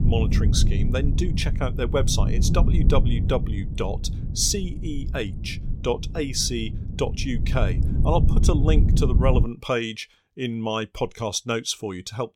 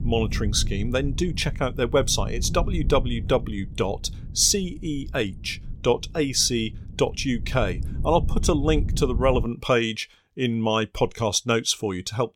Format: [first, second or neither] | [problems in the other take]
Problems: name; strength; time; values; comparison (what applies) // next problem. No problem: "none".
second | low rumble; loud; until 9.5 s; 10 dB below the speech; faint in the second